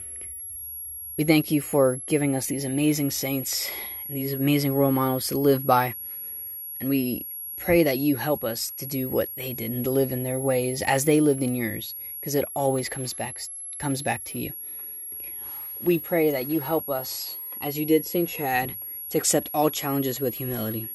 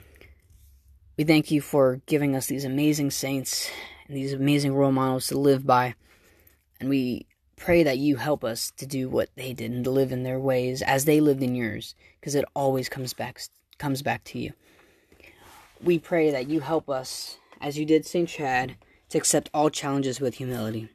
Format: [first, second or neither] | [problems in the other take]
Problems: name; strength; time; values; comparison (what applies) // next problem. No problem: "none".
second | high-pitched whine; loud; throughout; 11.5 kHz, 8 dB below the speech